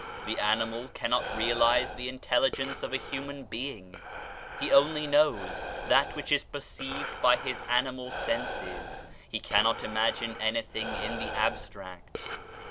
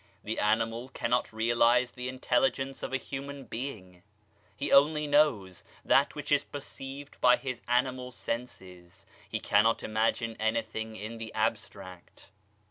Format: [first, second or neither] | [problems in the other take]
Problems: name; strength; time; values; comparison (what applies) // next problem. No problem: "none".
second | background sound (Breathing); 8 dB below the speech